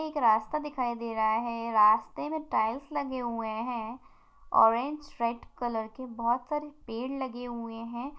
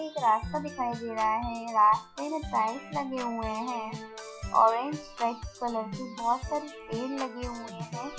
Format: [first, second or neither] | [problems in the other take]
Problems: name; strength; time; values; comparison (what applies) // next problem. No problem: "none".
first | noise reduction (classical method log-MMSE)